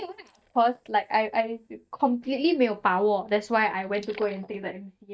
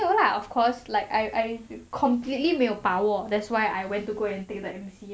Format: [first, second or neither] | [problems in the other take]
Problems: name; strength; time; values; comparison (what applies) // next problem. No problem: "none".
second | noise reduction (neural mask model DeepFilterNet 3)